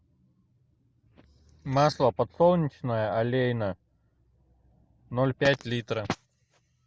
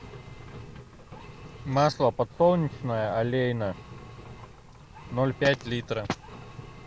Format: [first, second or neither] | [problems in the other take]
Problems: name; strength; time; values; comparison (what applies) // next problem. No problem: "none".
first | background sound (Engine); 16 dB below the speech